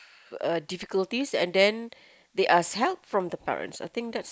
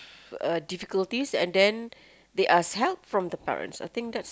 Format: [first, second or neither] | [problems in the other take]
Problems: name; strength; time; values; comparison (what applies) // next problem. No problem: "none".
second | noise reduction (neural mask model Resemble Enhance denoiser)